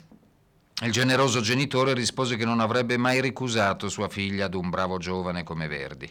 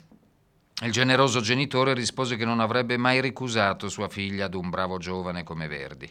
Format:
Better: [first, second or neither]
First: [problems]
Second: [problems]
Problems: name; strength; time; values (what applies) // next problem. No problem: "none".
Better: second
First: distortion; slight; 10 dB below the speech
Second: none